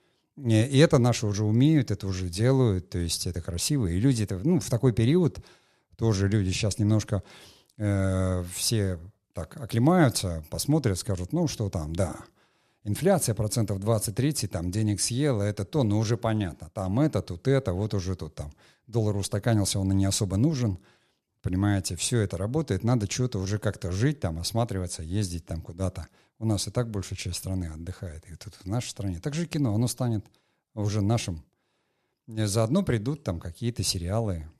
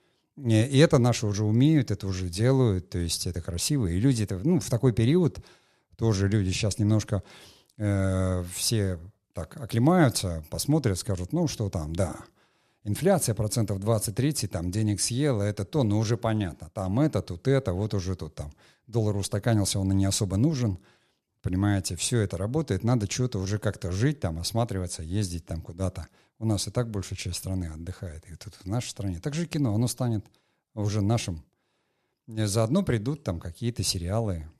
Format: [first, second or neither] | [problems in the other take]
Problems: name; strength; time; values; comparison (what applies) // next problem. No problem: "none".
neither | none